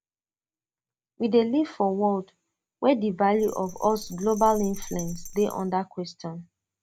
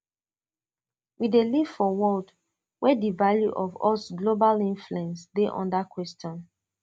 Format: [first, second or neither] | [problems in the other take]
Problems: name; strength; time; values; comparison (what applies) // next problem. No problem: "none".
second | background sound (Bell); 13 dB below the speech